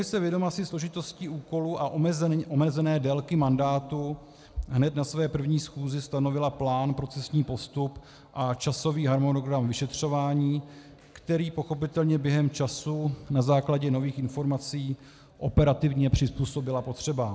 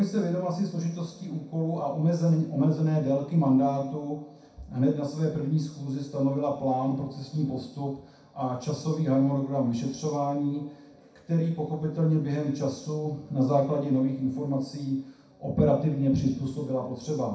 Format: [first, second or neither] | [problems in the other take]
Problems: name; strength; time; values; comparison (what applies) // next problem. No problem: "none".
first | room echo; dies away in 0.6 s